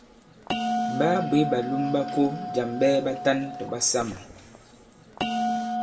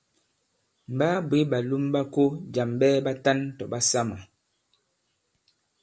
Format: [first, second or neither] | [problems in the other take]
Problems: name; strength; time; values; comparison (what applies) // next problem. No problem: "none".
second | background sound (Bell); 4 dB below the speech // room echo; dies away in 0.8 s